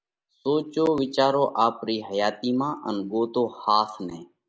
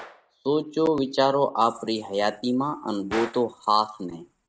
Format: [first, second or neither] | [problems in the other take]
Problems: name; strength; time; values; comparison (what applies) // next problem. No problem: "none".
first | noise reduction (neural mask model RNNoise)